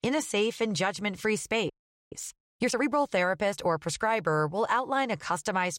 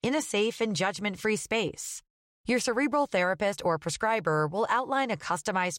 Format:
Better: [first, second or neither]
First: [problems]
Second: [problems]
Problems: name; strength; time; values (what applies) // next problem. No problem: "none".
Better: second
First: audio freezing; at 1.5 s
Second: none